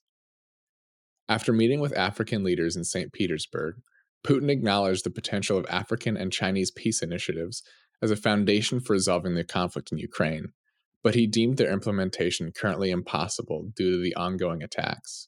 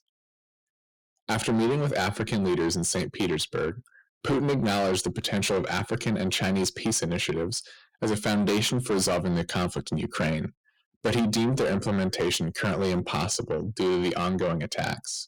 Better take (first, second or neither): first